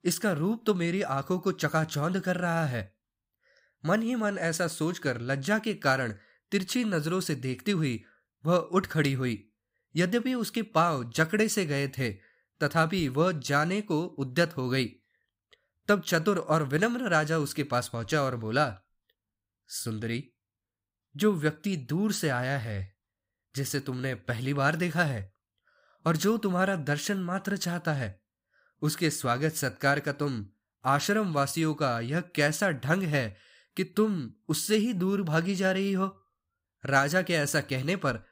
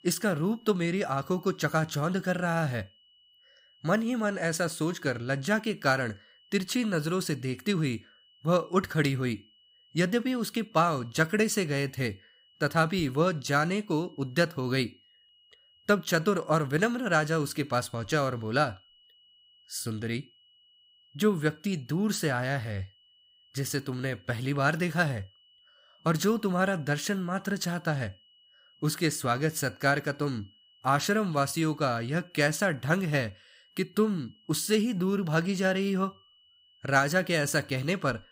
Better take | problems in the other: first | high-pitched whine; faint; throughout; 3 kHz, 30 dB below the speech

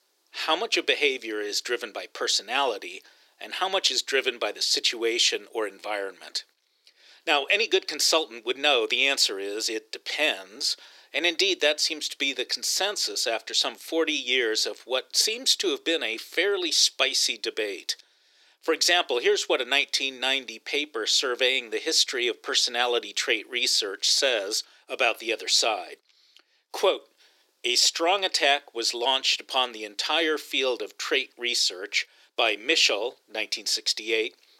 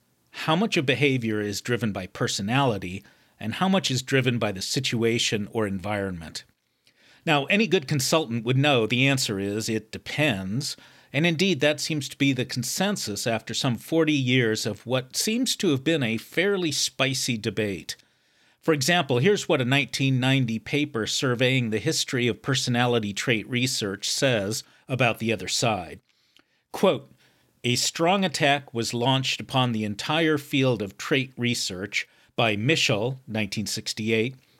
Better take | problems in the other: second | thin; very; fading below 350 Hz

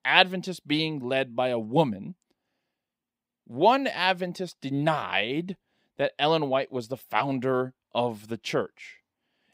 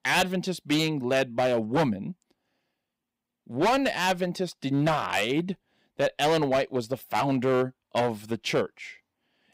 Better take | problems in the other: first | distortion; heavy; 7% of the sound clipped

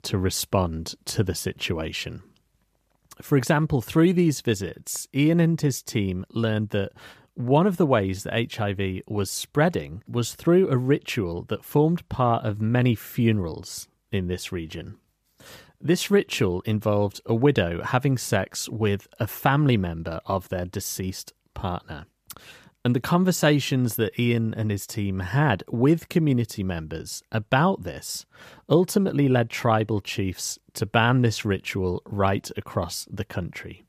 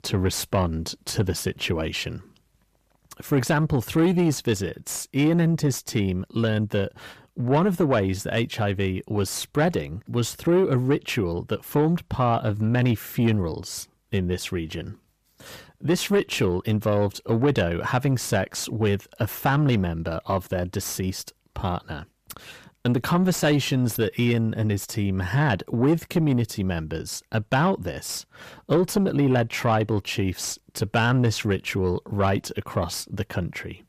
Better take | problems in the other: first | distortion; slight; 10 dB below the speech

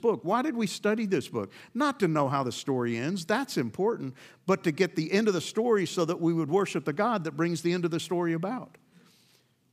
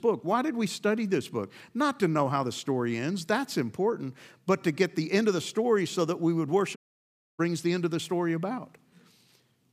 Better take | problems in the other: first | audio cutting out; at 7 s for 0.5 s

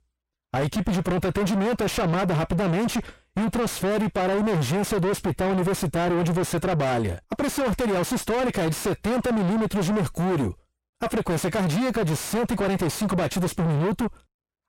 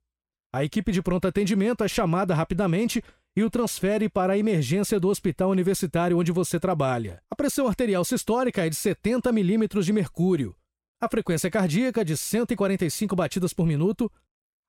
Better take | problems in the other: second | distortion; heavy; 4 dB below the speech

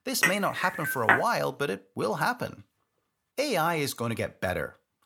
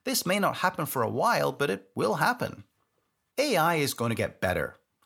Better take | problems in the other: second | clattering dishes; loud; at the start; peak 5 dB above the speech

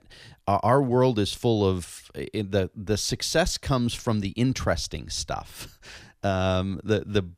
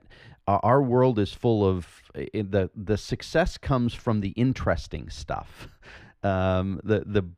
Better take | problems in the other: first | muffled; slightly; fading above 3.5 kHz

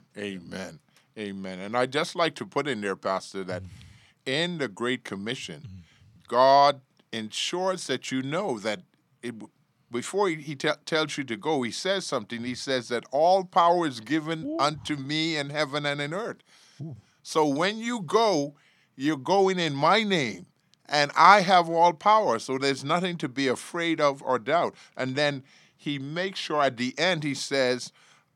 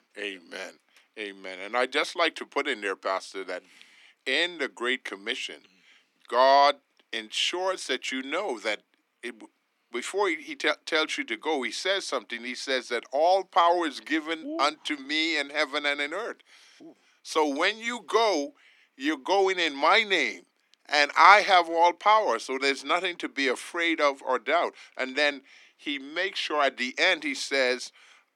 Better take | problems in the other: first | thin; very slightly; fading below 250 Hz

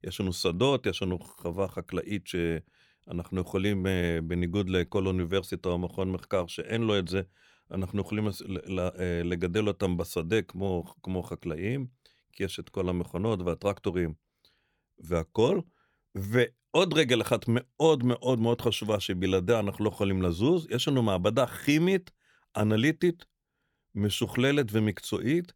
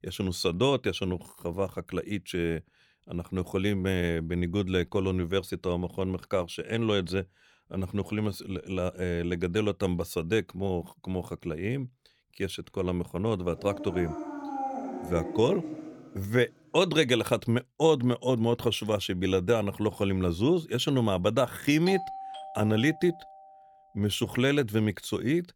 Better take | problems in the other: first | dog barking; noticeable; from 14 to 16 s; peak 5 dB below the speech // doorbell; noticeable; from 22 to 23 s; peak 8 dB below the speech

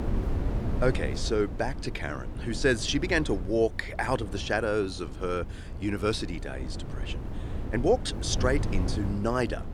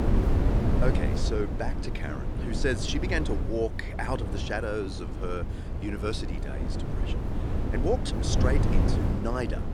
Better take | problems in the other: first | wind noise on the microphone; heavy; 4 dB below the speech; occasional gusts in the first

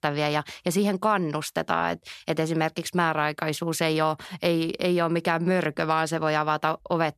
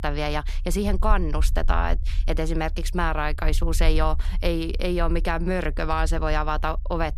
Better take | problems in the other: first | low rumble; faint; throughout; 25 dB below the speech

